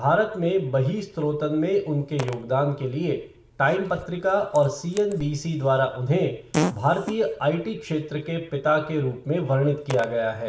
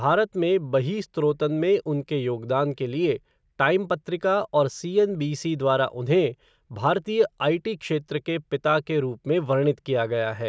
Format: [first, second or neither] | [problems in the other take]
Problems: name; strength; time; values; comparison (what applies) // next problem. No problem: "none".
second | background sound (Fart); 13 dB below the speech // room echo; dies away in 0.5 s